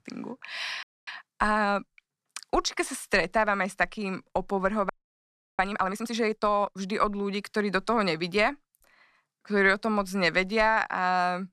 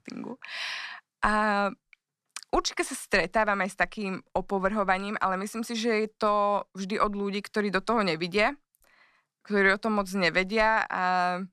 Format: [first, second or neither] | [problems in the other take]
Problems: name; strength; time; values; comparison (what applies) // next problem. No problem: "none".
second | audio freezing; at 1 s and at 5 s for 0.5 s